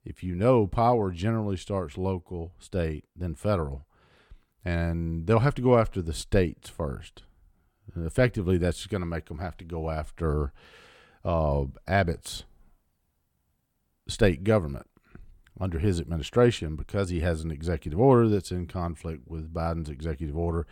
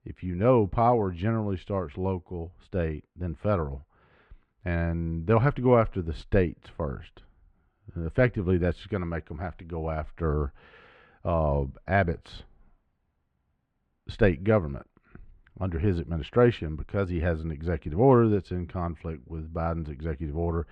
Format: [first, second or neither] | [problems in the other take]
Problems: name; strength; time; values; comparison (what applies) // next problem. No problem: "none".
first | muffled; slightly; fading above 2 kHz